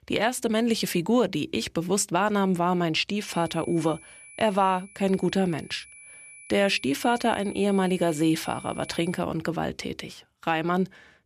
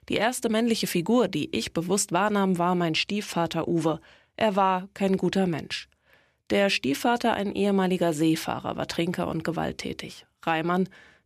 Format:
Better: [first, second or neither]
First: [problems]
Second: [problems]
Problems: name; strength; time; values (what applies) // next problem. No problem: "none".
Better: second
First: high-pitched whine; noticeable; from 3 to 9 s; 2.5 kHz, 20 dB below the speech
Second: none